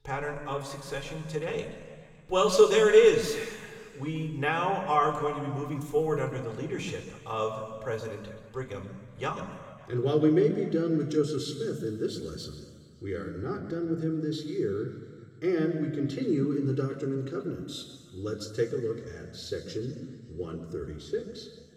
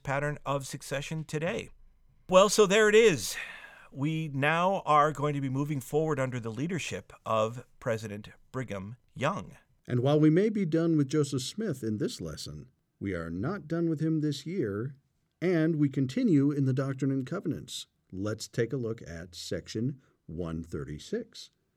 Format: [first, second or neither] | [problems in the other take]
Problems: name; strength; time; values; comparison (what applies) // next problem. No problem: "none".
second | room echo; noticeable; dies away in 2 s // off-mic speech; somewhat distant